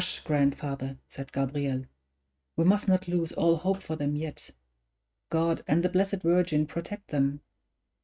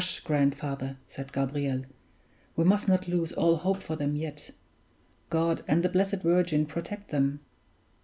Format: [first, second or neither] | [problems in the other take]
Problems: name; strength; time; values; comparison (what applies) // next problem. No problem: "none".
second | noise reduction (neural mask model RNNoise)